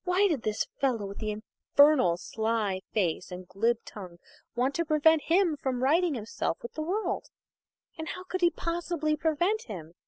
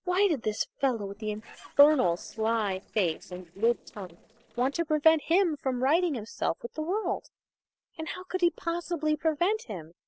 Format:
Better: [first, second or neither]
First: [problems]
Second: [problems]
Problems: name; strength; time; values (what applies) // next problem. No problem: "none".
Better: first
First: none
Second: noise reduction (neural separator model SepFormer DNS4)